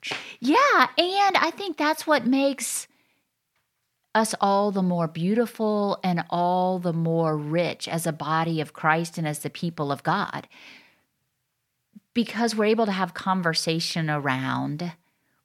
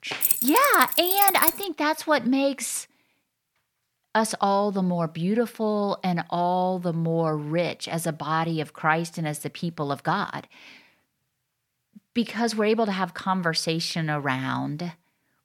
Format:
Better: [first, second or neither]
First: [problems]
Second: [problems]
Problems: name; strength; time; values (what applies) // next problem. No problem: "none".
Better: first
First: none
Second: jangling keys; loud; until 1.5 s; peak 5 dB above the speech